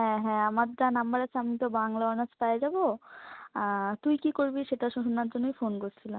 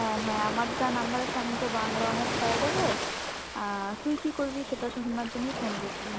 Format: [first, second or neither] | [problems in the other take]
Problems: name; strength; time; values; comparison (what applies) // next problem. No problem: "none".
first | background sound (Ocean); 1 dB below the speech